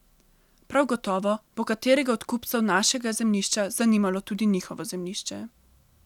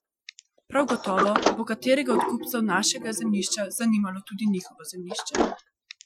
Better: first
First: none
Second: noise reduction (classical method Wiener filter)

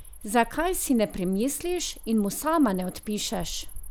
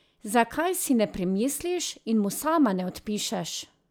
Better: second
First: background sound (Cricket); 13 dB below the speech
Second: none

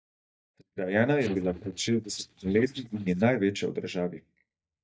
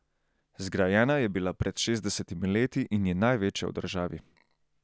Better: second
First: noise reduction (neural mask model DeepFilterNet 3)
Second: none

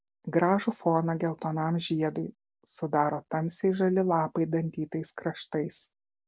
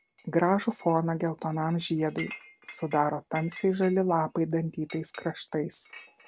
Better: first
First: none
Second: background sound (Chink, clink); 20 dB below the speech

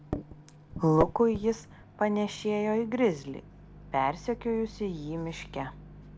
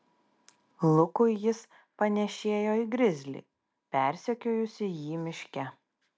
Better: second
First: background sound (Microwave oven); 11 dB below the speech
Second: none

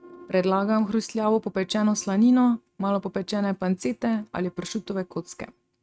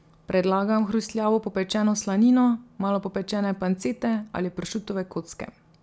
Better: second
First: noise reduction (neural mask model RNNoise)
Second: none

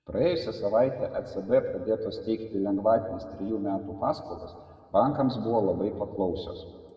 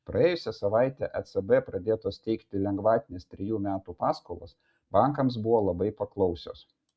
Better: second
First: room echo; dies away in 1.7 s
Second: none

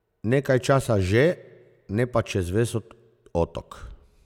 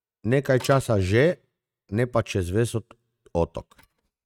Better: first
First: none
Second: noise reduction (neural mask model RNNoise)

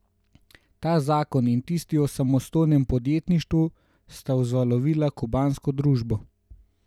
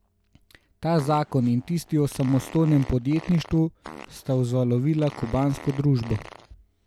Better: first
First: none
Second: background sound (Fart); 19 dB below the speech

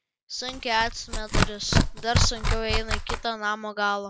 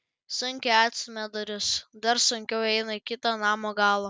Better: second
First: background sound (Tearing); 4 dB above the speech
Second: none

